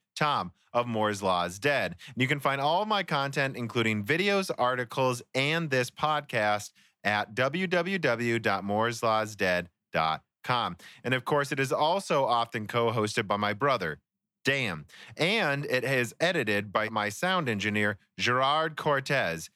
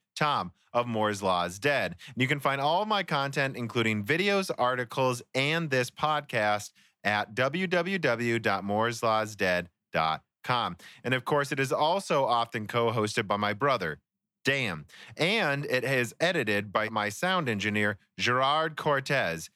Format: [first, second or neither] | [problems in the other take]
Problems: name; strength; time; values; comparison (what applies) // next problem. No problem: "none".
neither | none